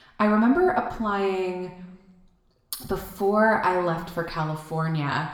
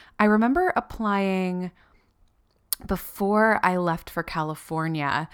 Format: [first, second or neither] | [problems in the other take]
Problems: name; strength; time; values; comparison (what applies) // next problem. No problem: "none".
second | room echo; slight; dies away in 0.8 s // off-mic speech; somewhat distant